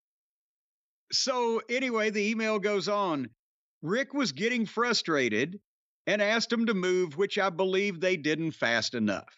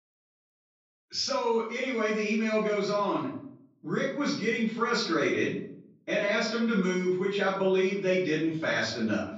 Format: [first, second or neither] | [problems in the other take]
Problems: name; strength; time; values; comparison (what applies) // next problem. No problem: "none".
first | room echo; noticeable; dies away in 0.6 s // off-mic speech; far